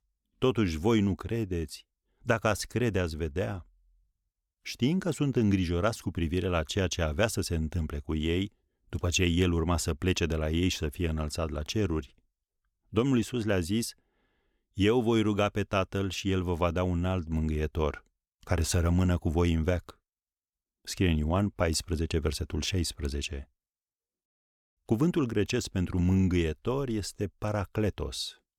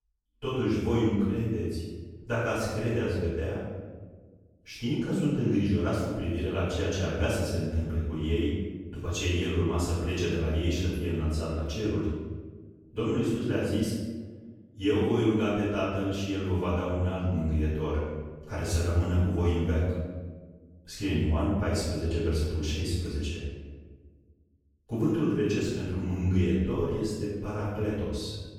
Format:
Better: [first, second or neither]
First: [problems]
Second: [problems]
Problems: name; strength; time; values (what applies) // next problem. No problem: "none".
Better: first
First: none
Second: off-mic speech; far // room echo; strong; dies away in 1.4 s